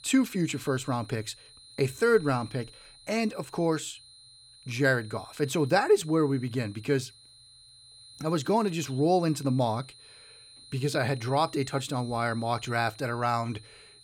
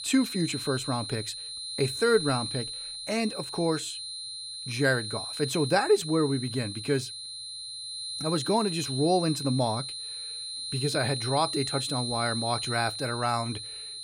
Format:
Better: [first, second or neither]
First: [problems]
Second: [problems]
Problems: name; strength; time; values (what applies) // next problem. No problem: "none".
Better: first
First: high-pitched whine; faint; throughout; 4 kHz, 20 dB below the speech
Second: high-pitched whine; loud; throughout; 4 kHz, 5 dB below the speech